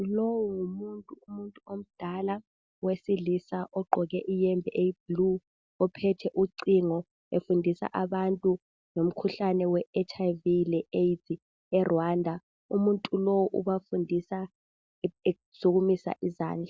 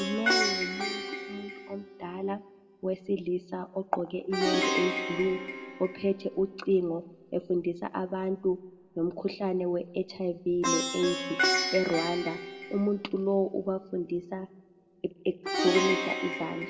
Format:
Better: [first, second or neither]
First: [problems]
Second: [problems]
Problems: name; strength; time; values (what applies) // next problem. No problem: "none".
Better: first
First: none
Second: background sound (Plucked string instrument); 3 dB below the speech // room echo; dies away in 1.2 s